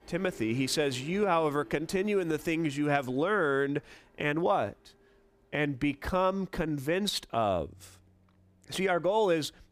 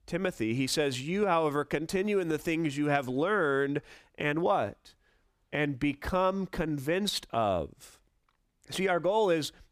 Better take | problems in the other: second | household noises; faint; throughout; 25 dB below the speech

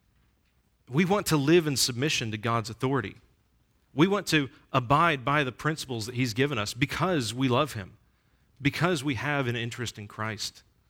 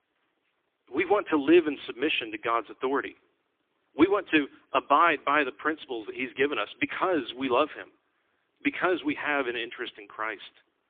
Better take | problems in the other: first | phone-call audio; poor line; nothing above 3.5 kHz

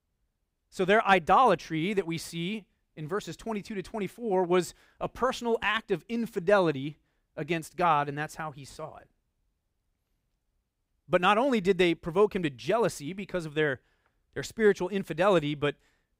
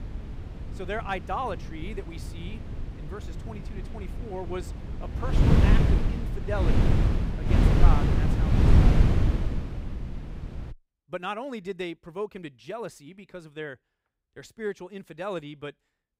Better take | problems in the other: first | wind noise on the microphone; heavy; until 11 s; 3 dB above the speech

